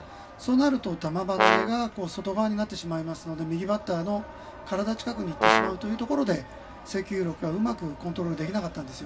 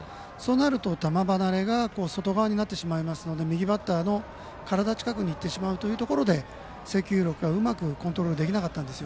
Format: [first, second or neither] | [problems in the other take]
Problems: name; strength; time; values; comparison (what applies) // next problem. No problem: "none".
second | background sound (Brass instrument); 4 dB above the speech // room echo; dies away in 0.2 s